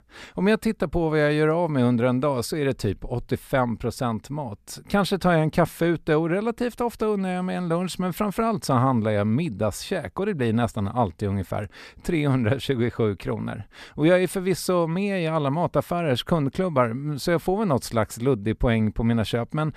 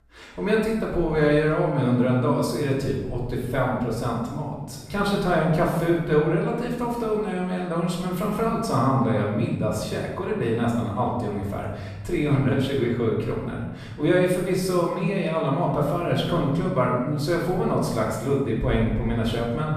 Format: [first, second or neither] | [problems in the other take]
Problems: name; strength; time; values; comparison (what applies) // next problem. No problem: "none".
first | off-mic speech; far // room echo; noticeable; dies away in 1.1 s